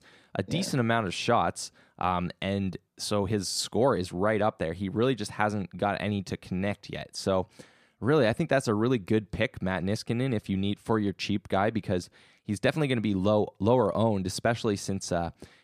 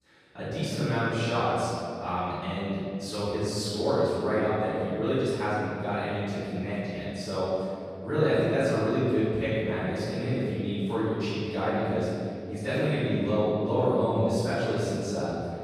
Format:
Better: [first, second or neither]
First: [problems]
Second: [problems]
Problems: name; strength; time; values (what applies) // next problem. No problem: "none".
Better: first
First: none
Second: off-mic speech; far // room echo; strong; dies away in 2.1 s